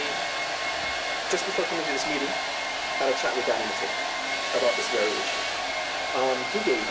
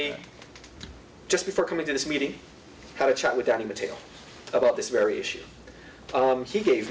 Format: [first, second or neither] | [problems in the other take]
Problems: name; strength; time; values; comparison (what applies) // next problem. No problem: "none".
second | background sound (Domestic sounds, home sounds); 2 dB above the speech